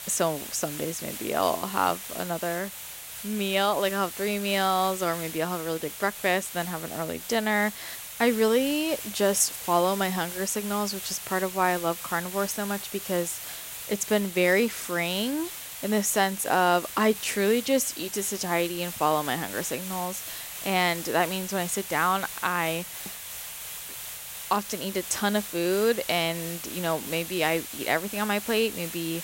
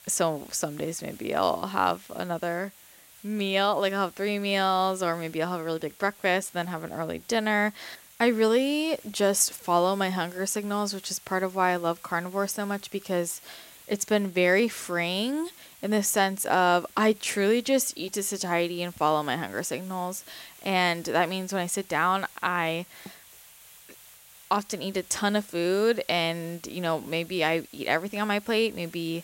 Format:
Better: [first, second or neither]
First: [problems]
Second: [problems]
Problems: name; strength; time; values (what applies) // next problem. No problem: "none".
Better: second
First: hiss; loud; throughout; 9 dB below the speech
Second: hiss; faint; throughout; 20 dB below the speech